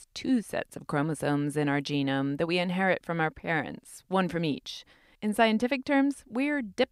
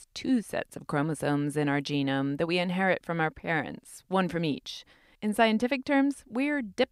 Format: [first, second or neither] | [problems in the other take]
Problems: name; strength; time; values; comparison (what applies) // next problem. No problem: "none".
neither | none